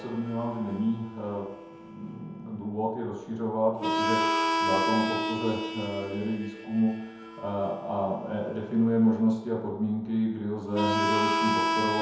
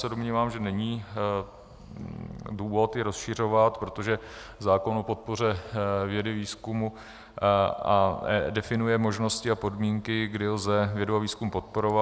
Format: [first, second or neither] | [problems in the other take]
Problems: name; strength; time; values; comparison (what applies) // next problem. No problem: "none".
second | background sound (Harmonica); 3 dB below the speech // room echo; dies away in 0.9 s